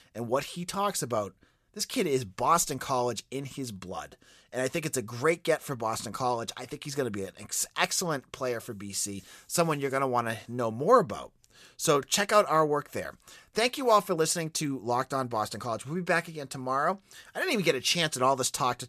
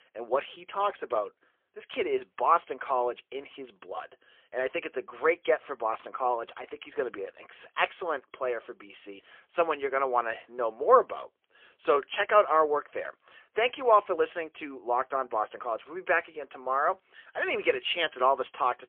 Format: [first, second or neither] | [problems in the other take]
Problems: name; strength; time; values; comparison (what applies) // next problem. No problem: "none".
first | phone-call audio; poor line; nothing above 3.5 kHz